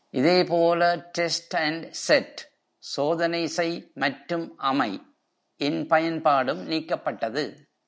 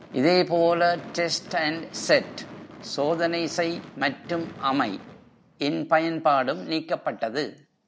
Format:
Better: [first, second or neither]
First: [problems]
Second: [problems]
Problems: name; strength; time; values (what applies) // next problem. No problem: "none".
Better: first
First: none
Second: background sound (Gunshot, gunfire / Fireworks); 18 dB below the speech